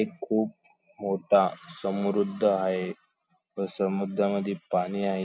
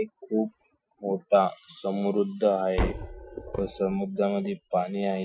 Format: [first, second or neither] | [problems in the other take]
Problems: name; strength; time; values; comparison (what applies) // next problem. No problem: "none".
first | noise reduction (classical method Wiener filter)